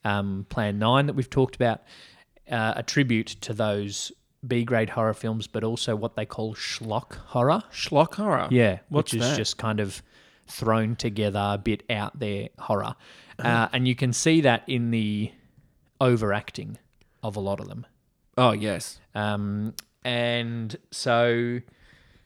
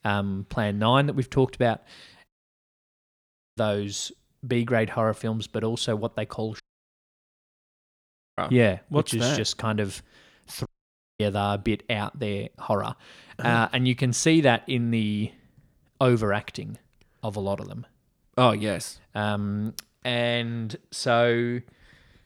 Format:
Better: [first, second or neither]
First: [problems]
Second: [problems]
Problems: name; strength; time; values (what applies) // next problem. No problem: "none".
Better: first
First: none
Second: audio cutting out; at 2.5 s for 1.5 s, at 6.5 s for 2 s and at 11 s for 0.5 s